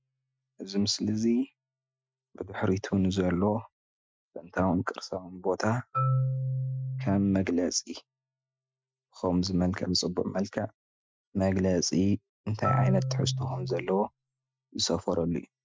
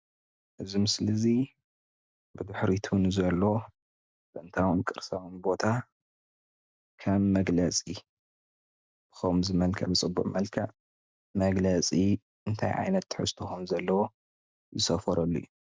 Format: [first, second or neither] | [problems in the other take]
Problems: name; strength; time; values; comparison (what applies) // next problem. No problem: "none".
second | noise reduction (classical method Wiener filter)